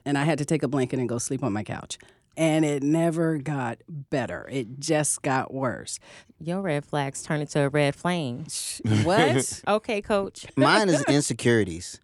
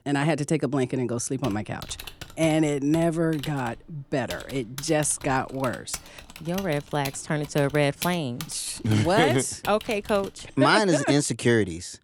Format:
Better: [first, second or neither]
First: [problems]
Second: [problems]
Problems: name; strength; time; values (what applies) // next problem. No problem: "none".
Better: first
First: none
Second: keyboard typing; noticeable; from 1.5 to 11 s; peak 9 dB below the speech